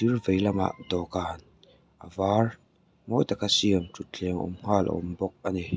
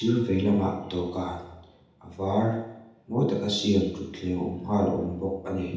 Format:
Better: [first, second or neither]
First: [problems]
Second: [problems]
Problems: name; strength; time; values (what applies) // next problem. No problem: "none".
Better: first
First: none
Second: room echo; dies away in 0.8 s